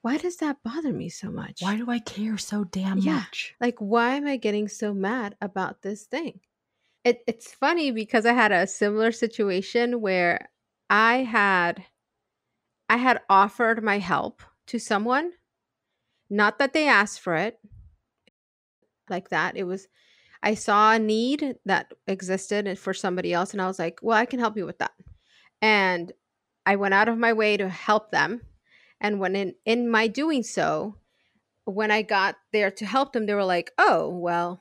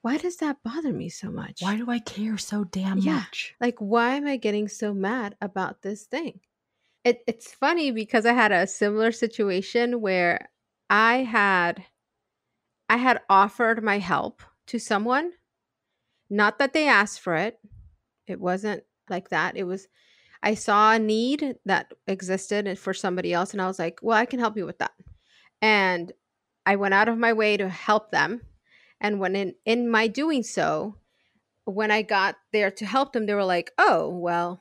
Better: second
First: audio cutting out; at 18 s for 0.5 s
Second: none

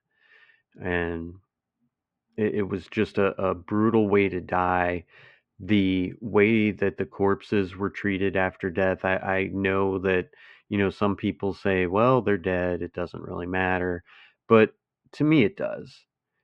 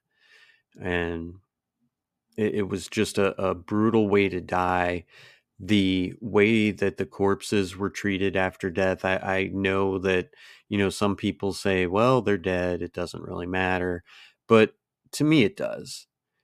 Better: second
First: muffled; slightly; fading above 2 kHz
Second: none

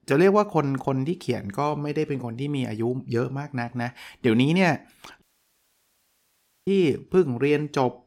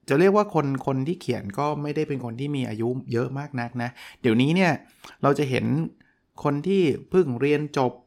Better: second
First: audio cutting out; at 5 s for 1.5 s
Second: none

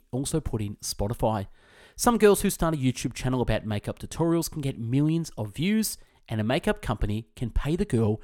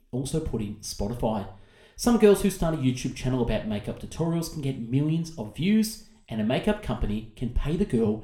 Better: first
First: none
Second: room echo; very slight; dies away in 0.4 s

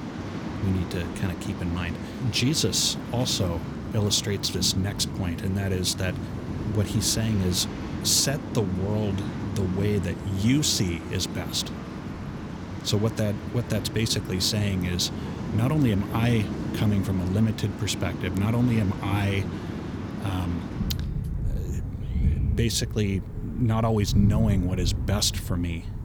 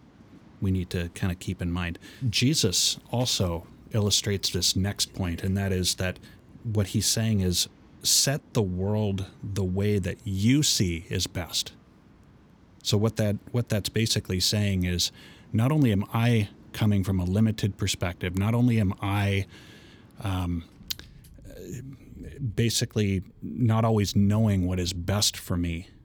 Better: second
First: rain or running water; loud; throughout; 6 dB below the speech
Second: rain or running water; faint; throughout; 25 dB below the speech

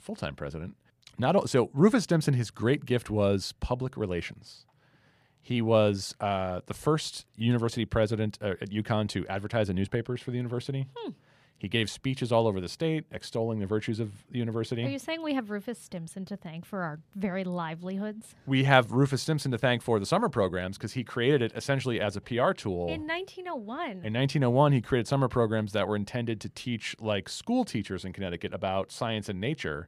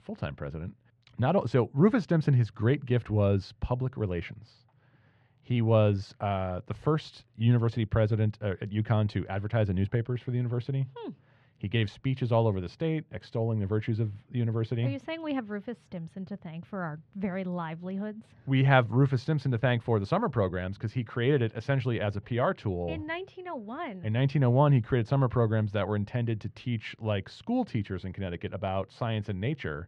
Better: first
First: none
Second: muffled; slightly; fading above 3 kHz

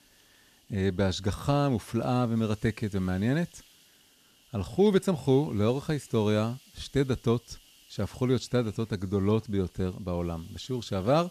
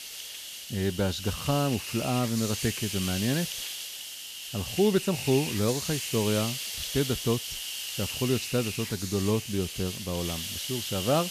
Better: first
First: hiss; faint; throughout; 25 dB below the speech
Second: hiss; loud; throughout; 4 dB below the speech

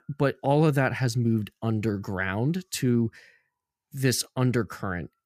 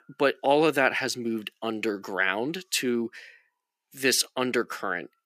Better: first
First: none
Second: thin; somewhat; fading below 300 Hz

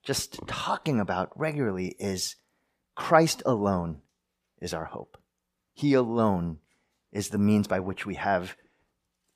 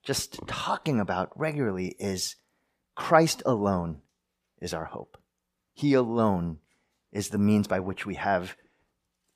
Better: neither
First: none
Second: none

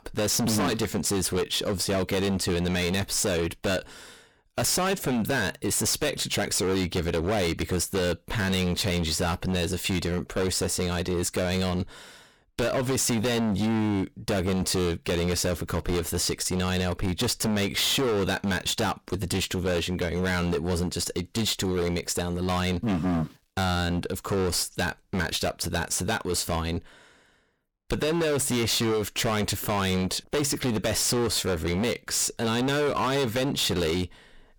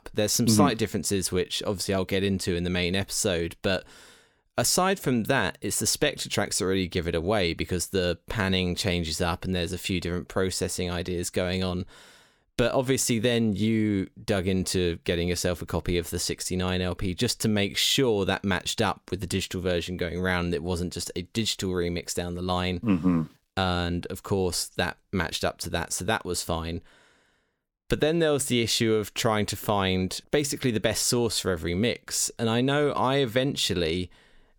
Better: second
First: distortion; heavy; 24% of the sound clipped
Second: none

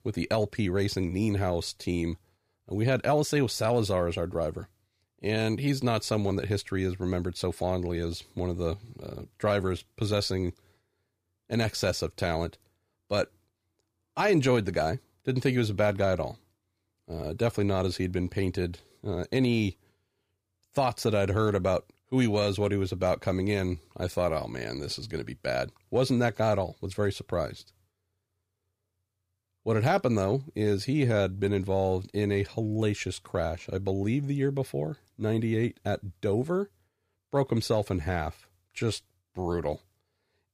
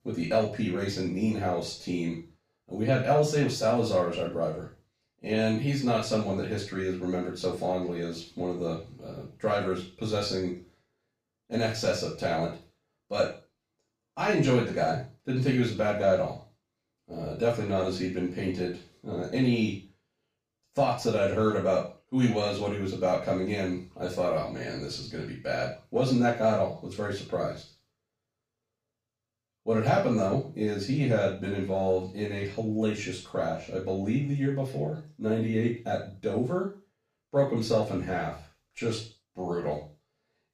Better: first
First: none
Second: room echo; noticeable; dies away in 0.3 s // off-mic speech; far

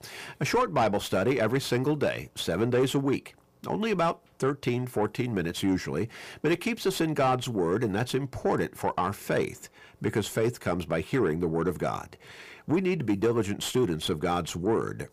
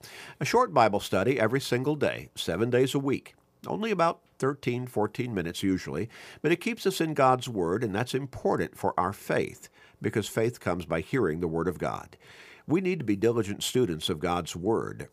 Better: second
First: distortion; slight; 10 dB below the speech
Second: none

